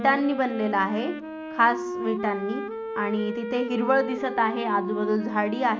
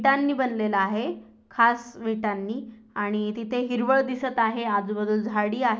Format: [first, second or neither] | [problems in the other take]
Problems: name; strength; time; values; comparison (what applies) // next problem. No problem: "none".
second | background sound (Wind instrument, woodwind instrument); 8 dB below the speech